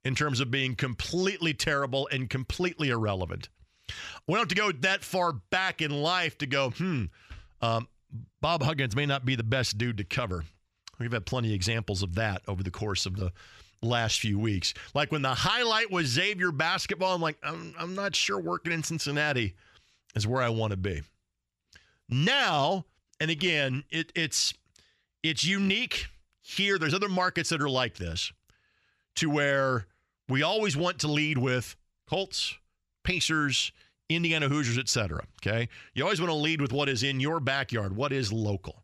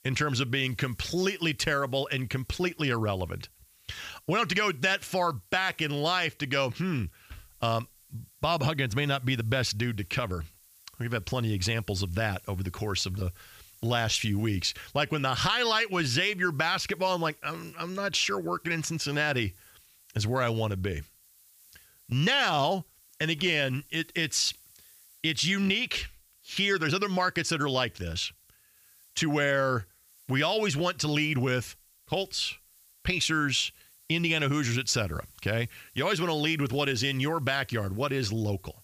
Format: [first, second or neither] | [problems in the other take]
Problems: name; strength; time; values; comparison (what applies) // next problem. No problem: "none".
first | hiss; faint; throughout; 25 dB below the speech